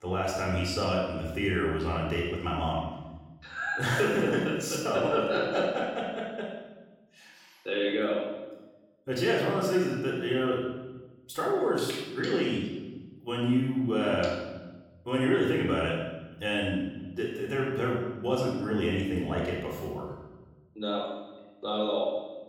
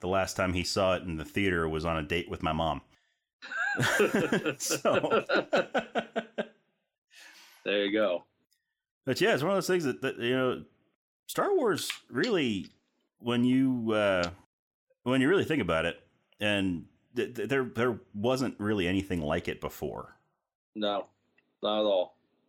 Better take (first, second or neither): second